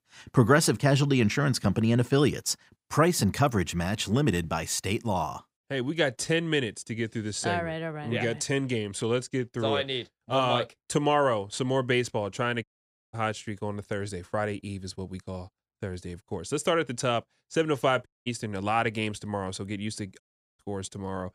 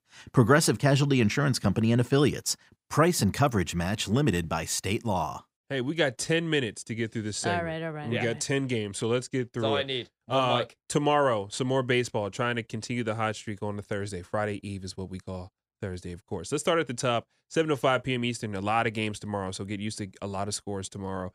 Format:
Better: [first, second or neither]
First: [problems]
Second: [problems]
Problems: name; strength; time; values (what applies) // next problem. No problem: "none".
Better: second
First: audio cutting out; at 13 s, at 18 s and at 20 s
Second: none